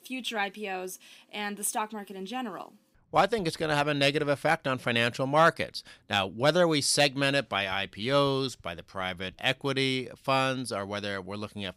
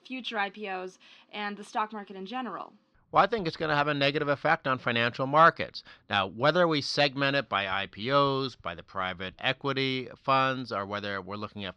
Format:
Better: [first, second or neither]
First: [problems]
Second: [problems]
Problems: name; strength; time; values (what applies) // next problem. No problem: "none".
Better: first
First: none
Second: muffled; very slightly; fading above 4.5 kHz